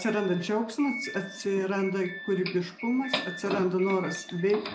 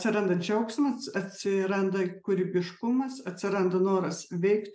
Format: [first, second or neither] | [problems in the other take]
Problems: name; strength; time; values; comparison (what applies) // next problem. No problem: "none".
second | background sound (Doorbell); 10 dB below the speech